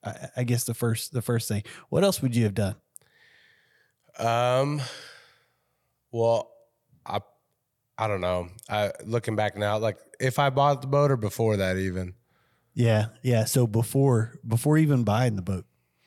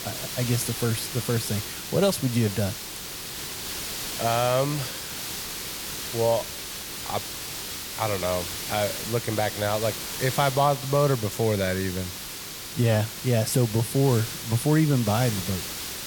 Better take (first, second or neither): first